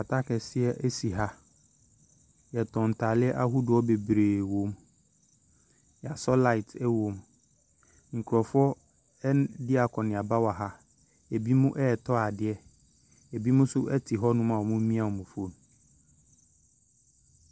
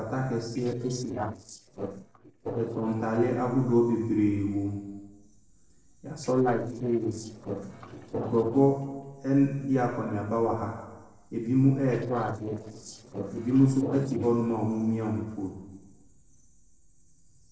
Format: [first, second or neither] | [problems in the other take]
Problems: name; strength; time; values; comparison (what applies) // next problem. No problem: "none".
first | noise reduction (neural separator model SepFormer DNS4)